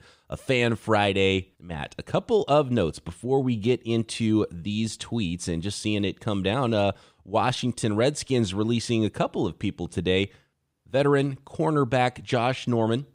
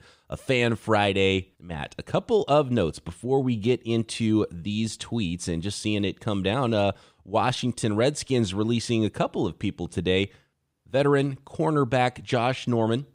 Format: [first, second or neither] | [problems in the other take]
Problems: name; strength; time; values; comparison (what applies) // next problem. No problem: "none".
neither | none